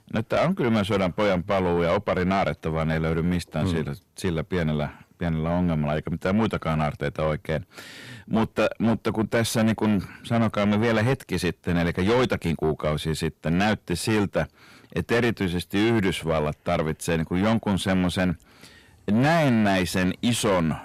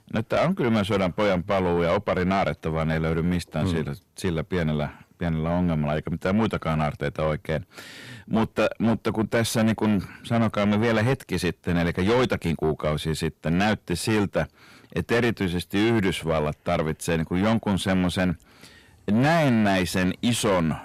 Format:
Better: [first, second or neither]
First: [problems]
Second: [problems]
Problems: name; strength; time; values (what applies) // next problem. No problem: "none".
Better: neither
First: distortion; heavy; 8 dB below the speech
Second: distortion; heavy; 8 dB below the speech